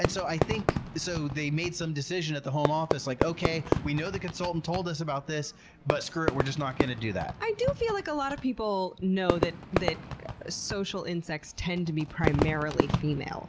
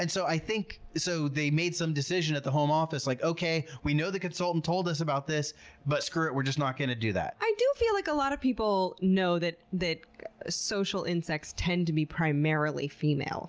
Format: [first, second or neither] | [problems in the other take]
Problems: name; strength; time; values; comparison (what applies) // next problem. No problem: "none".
second | background sound (Fireworks); 2 dB below the speech